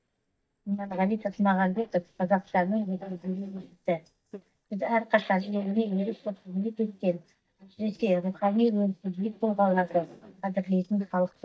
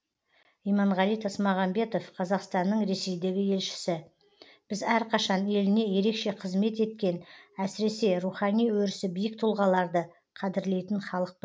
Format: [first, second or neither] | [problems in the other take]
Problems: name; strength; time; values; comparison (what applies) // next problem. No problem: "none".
second | noise reduction (neural mask model DeepFilterNet 3)